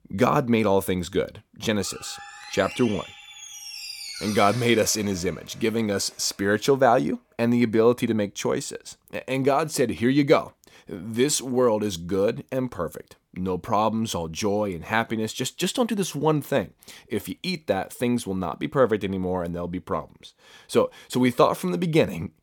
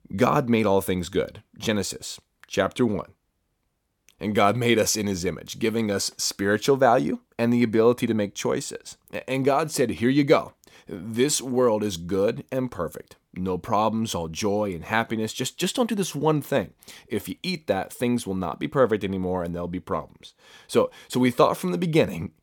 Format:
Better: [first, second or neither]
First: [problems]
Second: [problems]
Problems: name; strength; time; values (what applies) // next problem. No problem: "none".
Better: second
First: door banging; noticeable; from 2 to 6 s; peak 9 dB below the speech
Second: none